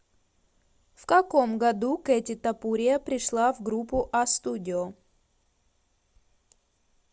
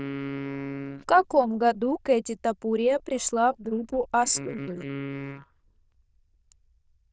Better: first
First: none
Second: noise reduction (neural diffusion model UNIVERSE++)

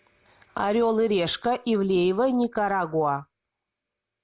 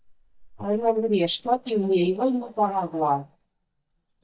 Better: first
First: none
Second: noise reduction (neural mask model DeepFilterNet 3)

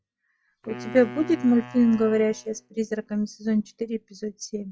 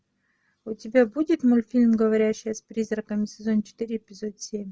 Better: second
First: noise reduction (classical method log-MMSE)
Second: none

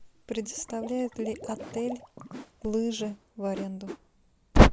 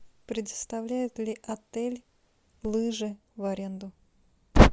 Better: second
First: background sound (Water / Liquid + Whoosh, swoosh, swish); 17 dB below the speech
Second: none

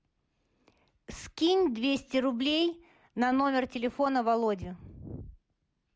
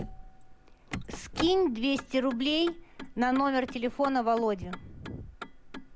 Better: first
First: none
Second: background sound (Motor vehicle (road)); 12 dB below the speech

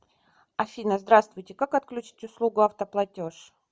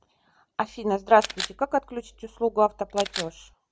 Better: first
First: none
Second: background sound (Camera); 13 dB below the speech

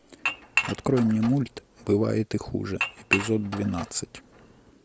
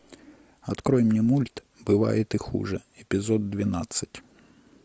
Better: second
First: background sound (Dishes, pots, and pans / Chink, clink); 6 dB below the speech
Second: none

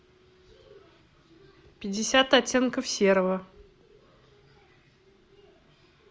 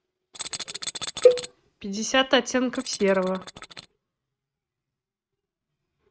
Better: first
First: none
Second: noise reduction (neural mask model RNNoise)

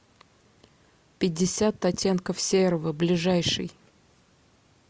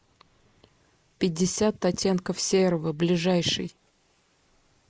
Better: first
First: none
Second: noise reduction (neural mask model Resemble Enhance denoiser)

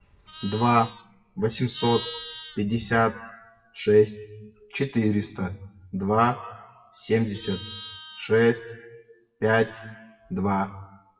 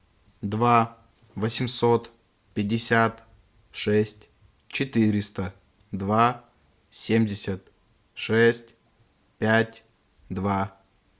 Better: second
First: noise reduction (classical method WPE with log-MMSE)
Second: none

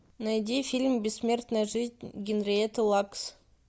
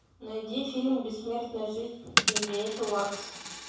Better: first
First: none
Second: background sound (Coin (dropping)); 1 dB below the speech // room echo; dies away in 0.7 s

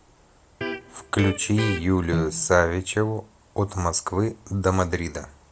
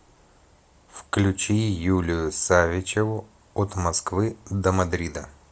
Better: second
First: background sound (Electric guitar); 6 dB below the speech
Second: none

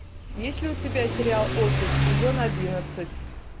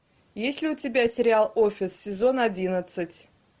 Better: second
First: background sound (Accelerating, revving, vroom / Car); 2 dB above the speech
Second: none

